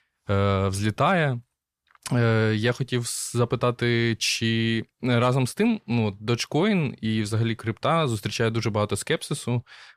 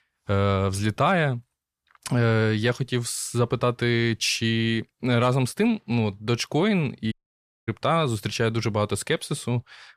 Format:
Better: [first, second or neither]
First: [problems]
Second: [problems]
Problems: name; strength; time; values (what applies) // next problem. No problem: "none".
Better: first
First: none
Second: audio cutting out; at 7 s for 0.5 s